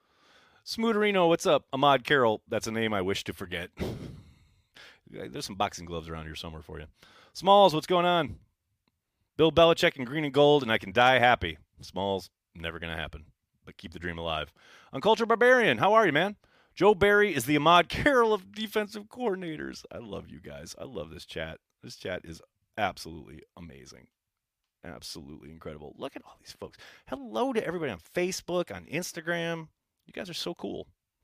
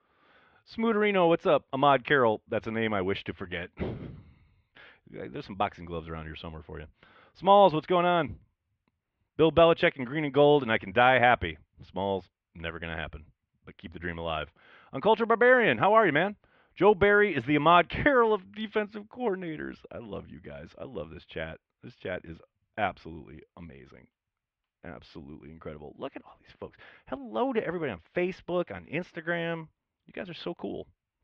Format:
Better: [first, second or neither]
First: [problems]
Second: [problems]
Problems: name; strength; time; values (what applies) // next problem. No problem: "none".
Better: first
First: none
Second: muffled; very; fading above 3 kHz